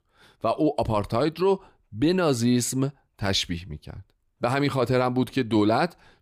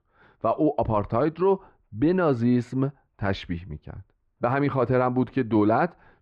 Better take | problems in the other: first | muffled; very; fading above 1.5 kHz

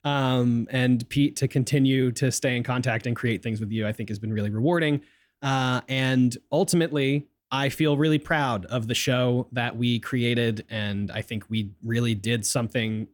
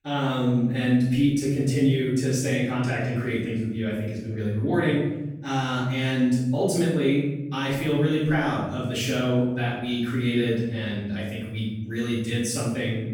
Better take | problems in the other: first | room echo; noticeable; dies away in 0.9 s // off-mic speech; far

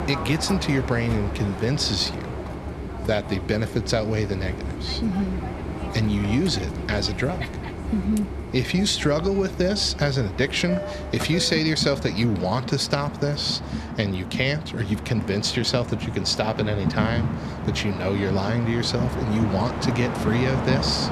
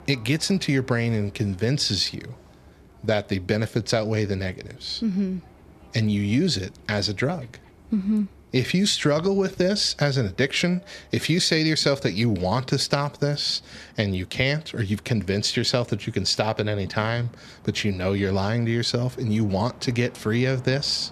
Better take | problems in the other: second | train or aircraft noise; loud; throughout; 6 dB below the speech; faint in the second

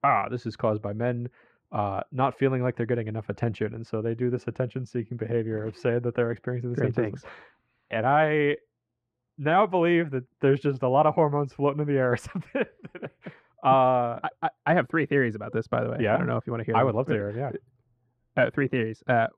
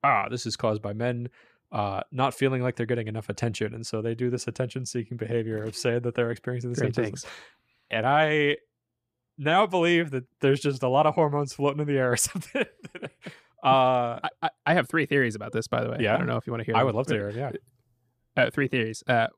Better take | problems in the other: second | muffled; very; fading above 4 kHz

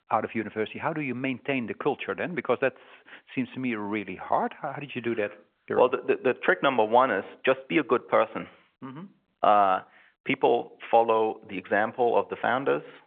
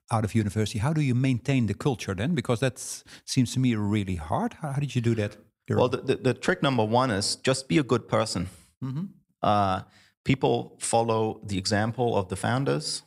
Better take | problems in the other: second | phone-call audio; nothing above 3.5 kHz

